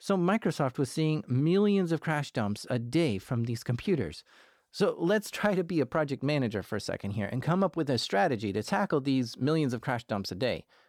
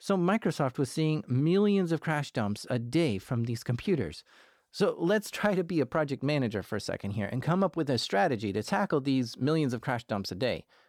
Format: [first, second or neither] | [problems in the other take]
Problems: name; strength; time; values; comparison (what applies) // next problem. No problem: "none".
neither | none